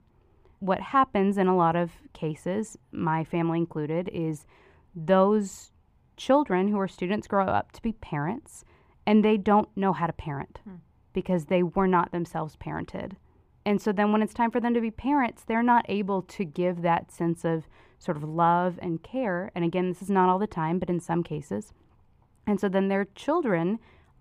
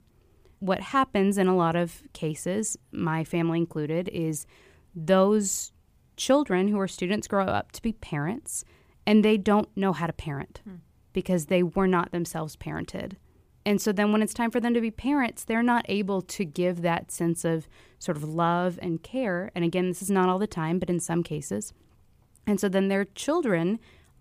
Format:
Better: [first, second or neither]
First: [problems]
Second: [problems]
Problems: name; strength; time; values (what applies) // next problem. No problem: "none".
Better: second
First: muffled; very; fading above 4 kHz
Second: none